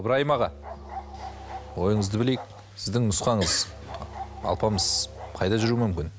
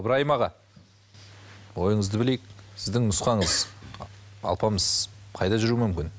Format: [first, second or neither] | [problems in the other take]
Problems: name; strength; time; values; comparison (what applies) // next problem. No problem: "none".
second | background sound (Musical instrument + Bark); 14 dB below the speech